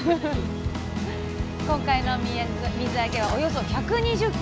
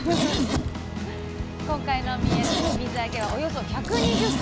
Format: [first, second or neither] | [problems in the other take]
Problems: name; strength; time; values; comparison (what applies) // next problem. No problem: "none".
first | background sound (Zipper (clothing)); 1 dB below the speech